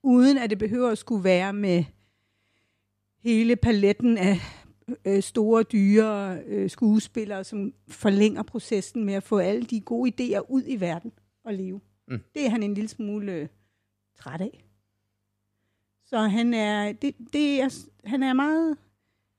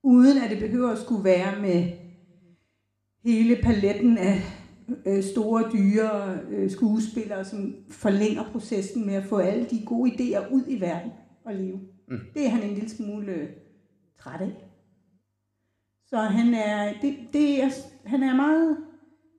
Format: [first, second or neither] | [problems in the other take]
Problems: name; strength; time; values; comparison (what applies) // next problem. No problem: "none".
first | room echo; slight; dies away in 0.7 s